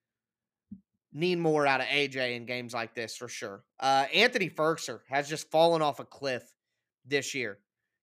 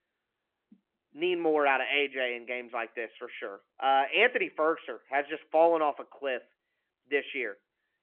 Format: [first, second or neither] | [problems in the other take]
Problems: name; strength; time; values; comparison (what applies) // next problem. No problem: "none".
first | phone-call audio; nothing above 3 kHz